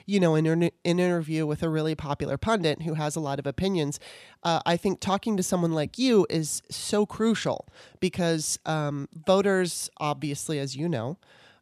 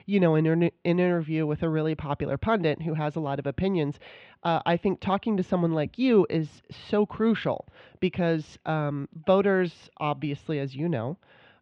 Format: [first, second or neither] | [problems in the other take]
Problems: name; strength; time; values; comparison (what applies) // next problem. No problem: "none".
first | muffled; very; fading above 3 kHz